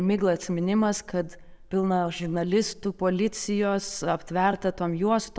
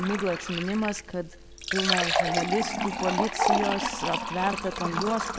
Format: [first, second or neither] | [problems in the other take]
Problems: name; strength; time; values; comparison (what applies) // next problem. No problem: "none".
first | background sound (Fill (with liquid)); 1 dB above the speech